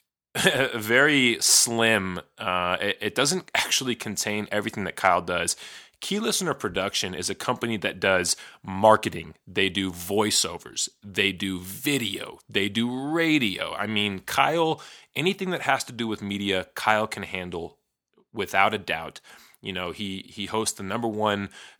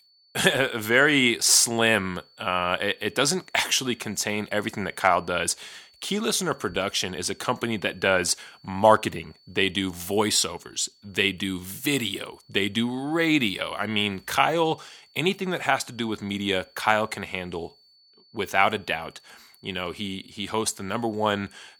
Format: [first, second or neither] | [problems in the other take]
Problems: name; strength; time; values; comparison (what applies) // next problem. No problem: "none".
first | high-pitched whine; faint; throughout; 4.5 kHz, 30 dB below the speech